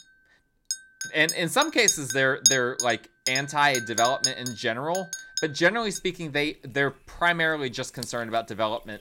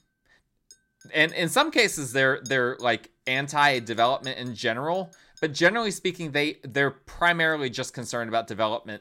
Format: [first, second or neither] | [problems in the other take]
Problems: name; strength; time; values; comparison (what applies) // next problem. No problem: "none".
second | household noises; loud; throughout; 3 dB below the speech; faint in the second